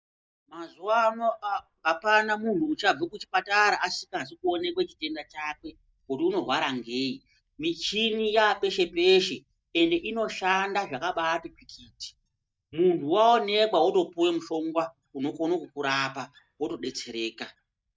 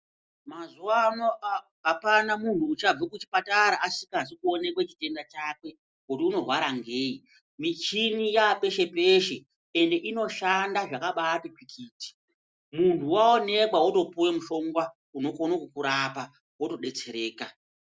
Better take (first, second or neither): second